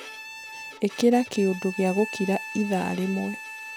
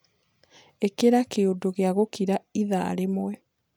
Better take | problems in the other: second | background sound (Bowed string instrument); 12 dB below the speech

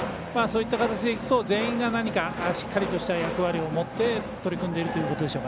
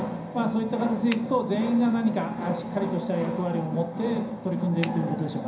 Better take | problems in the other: first | background sound (Finger snapping); 13 dB below the speech // room echo; dies away in 0.5 s

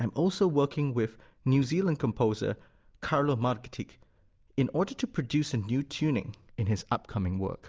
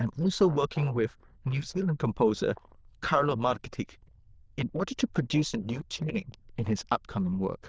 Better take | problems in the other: first | noise reduction (neural diffusion model UNIVERSE++)

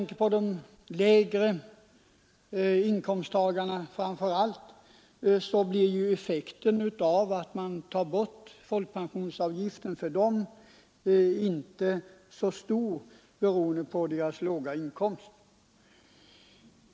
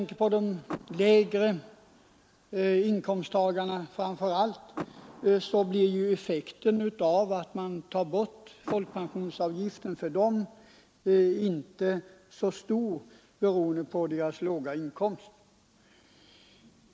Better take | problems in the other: first | background sound (Door / Car); 18 dB below the speech

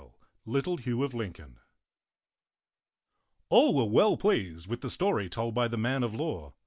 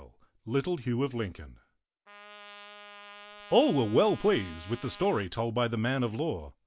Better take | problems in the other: first | background sound (Trumpet); 19 dB below the speech

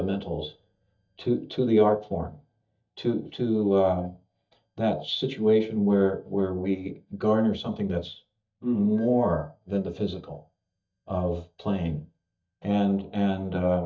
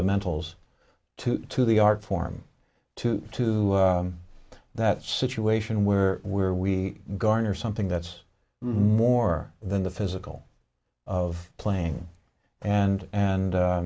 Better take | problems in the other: second | noise reduction (neural mask model DeepFilterNet 3)

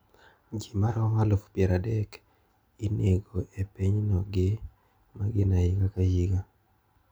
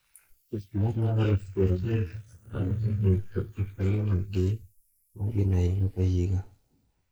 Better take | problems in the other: first | noise reduction (neural mask model Resemble Enhance denoiser)

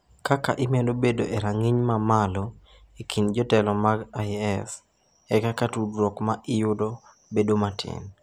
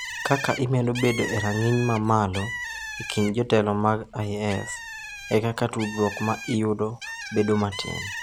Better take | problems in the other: first | background sound (Bird); 11 dB below the speech

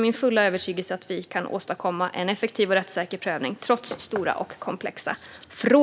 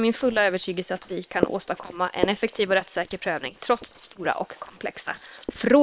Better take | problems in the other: first | noise reduction (neural separator model SepFormer WHAM!)

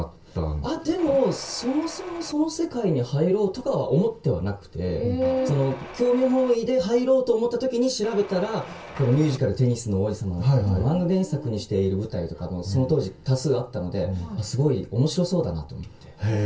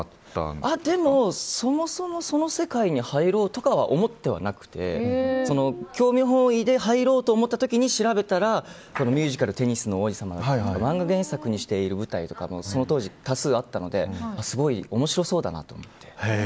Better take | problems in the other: second | background sound (Mechanisms); 17 dB below the speech // room echo; dies away in 0.2 s

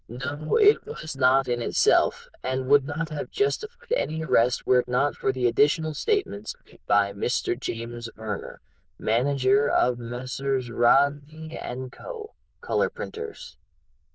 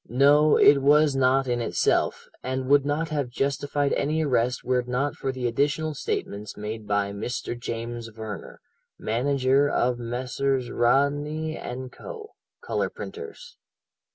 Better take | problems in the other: second | noise reduction (neural diffusion model UNIVERSE++)

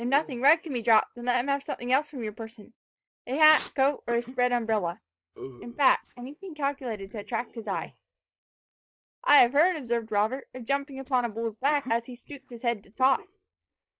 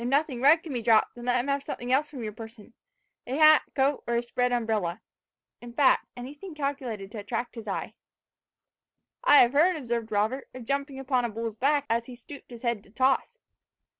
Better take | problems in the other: second | noise reduction (neural mask model DeepFilterNet 3)

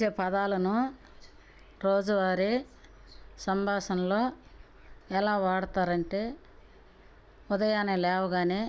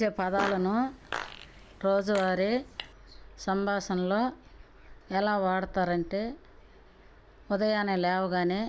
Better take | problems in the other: first | background sound (Fart); 10 dB below the speech

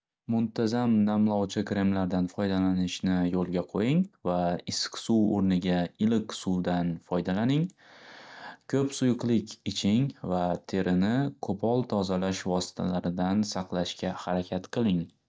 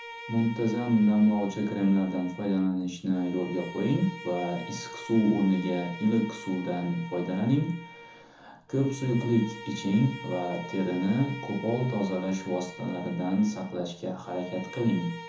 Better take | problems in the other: first | background sound (Bowed string instrument); 16 dB below the speech // room echo; dies away in 0.6 s

